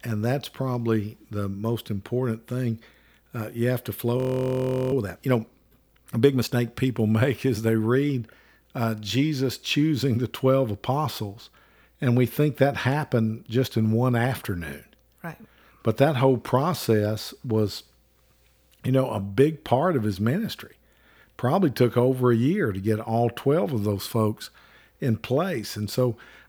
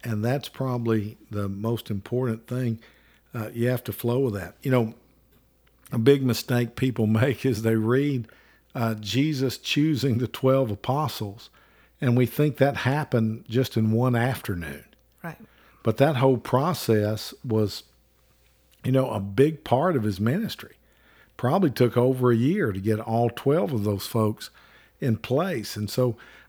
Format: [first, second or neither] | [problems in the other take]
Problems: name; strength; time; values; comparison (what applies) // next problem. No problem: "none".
second | audio freezing; at 4 s for 0.5 s